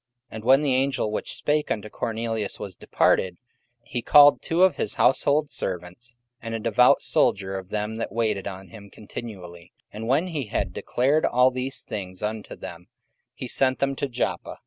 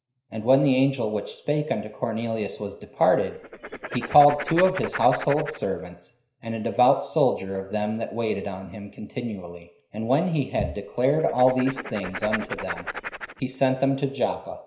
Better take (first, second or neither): first